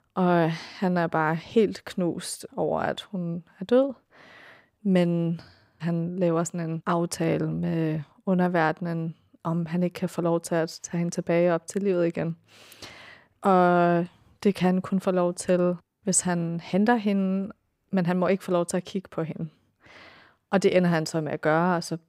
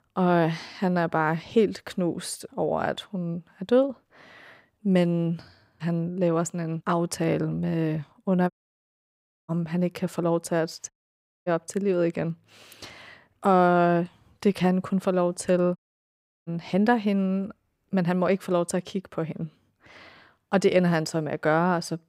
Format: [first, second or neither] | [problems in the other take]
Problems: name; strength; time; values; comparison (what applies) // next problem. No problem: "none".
first | audio cutting out; at 8.5 s for 1 s, at 11 s for 0.5 s and at 16 s for 0.5 s